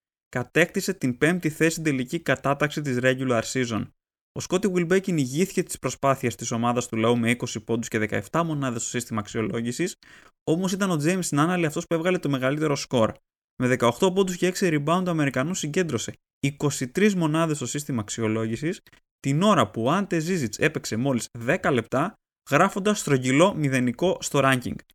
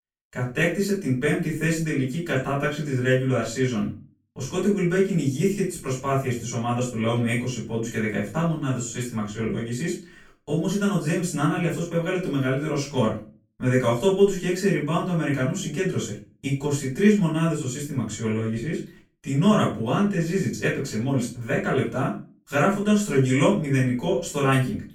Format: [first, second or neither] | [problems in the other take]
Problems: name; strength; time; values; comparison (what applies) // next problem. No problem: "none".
first | room echo; slight; dies away in 0.3 s // off-mic speech; far